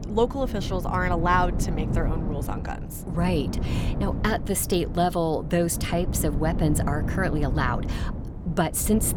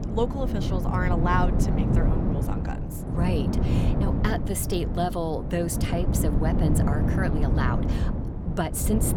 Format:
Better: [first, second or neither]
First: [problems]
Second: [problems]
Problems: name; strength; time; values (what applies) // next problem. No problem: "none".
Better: first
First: wind noise on the microphone; occasional gusts; 10 dB below the speech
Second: wind noise on the microphone; heavy; 4 dB below the speech